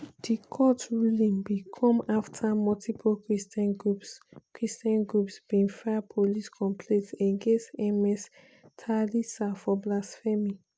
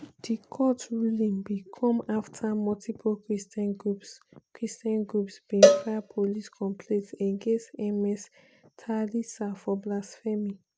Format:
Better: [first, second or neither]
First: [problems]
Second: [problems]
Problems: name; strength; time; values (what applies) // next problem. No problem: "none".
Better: first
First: none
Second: background sound (Cowbell); 5 dB above the speech